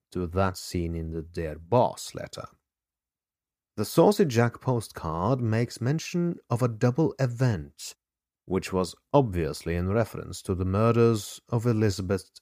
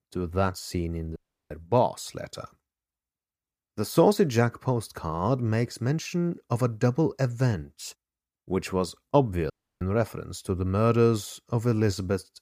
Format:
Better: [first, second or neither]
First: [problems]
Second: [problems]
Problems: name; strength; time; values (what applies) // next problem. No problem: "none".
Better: first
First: none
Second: audio cutting out; at 1 s and at 9.5 s